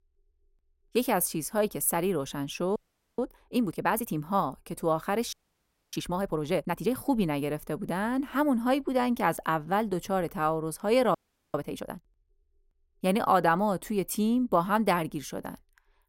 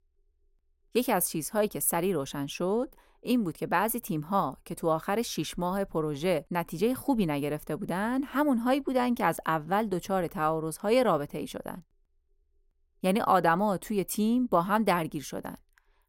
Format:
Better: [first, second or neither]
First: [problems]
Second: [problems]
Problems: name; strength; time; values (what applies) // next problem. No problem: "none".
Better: second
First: audio freezing; at 3 s, at 5.5 s for 0.5 s and at 11 s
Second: none